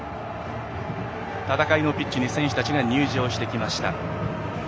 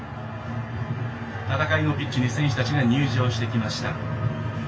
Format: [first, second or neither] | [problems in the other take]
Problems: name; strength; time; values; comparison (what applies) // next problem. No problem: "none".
first | room echo; dies away in 0.2 s